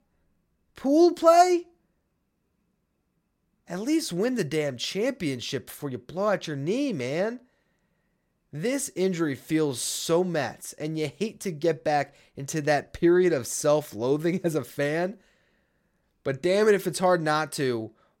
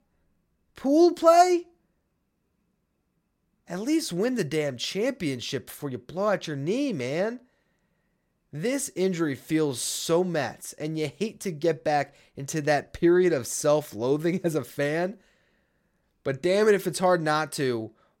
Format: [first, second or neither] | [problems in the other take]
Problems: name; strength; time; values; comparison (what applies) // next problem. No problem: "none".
neither | none